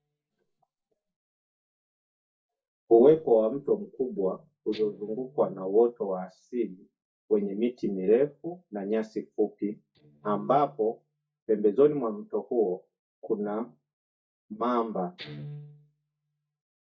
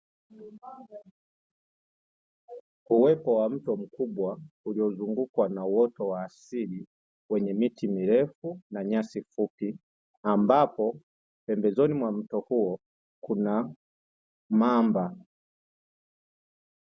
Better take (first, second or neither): second